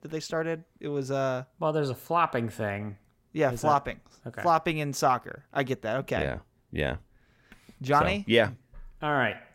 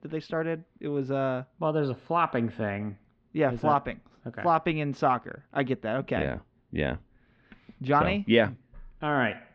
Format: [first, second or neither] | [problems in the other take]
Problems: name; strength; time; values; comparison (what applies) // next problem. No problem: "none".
first | muffled; slightly; fading above 3.5 kHz